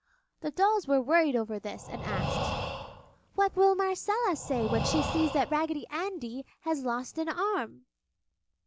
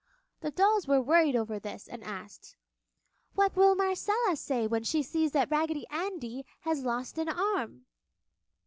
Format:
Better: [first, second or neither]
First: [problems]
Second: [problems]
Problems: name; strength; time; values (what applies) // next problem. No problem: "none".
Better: second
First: background sound (Breathing); 6 dB below the speech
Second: none